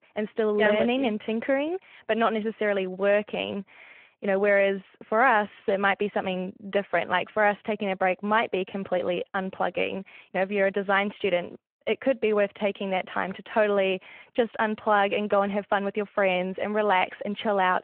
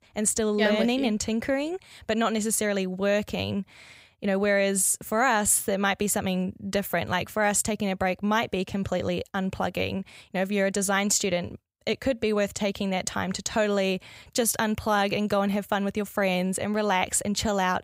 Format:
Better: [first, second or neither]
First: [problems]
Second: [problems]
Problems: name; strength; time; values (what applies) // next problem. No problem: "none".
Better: second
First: phone-call audio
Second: none